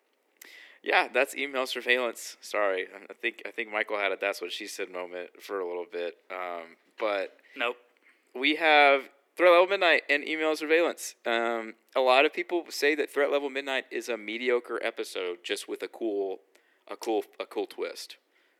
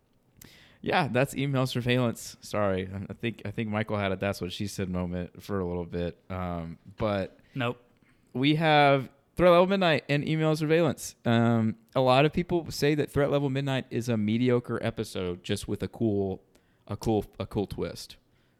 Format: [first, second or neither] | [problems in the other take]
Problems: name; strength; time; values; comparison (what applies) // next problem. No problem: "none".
second | thin; very; fading below 300 Hz